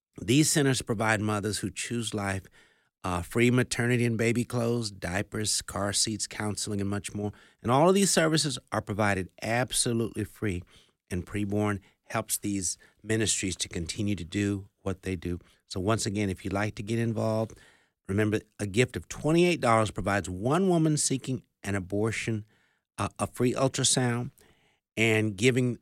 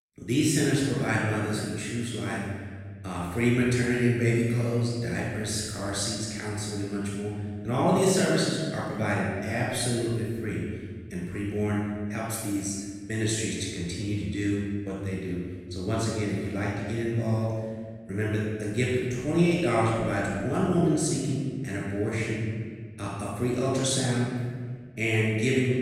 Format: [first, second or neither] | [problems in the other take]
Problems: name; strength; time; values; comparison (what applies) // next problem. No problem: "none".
first | off-mic speech; far // room echo; strong; dies away in 1.7 s